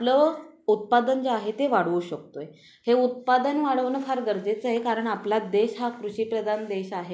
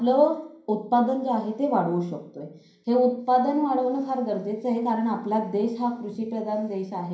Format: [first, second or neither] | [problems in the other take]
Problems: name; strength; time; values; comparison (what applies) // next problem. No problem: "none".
first | room echo; dies away in 0.5 s